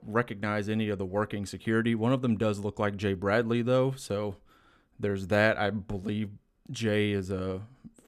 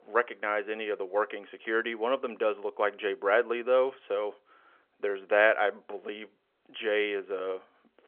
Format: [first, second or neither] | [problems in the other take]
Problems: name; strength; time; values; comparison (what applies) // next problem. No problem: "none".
first | phone-call audio; nothing above 3.5 kHz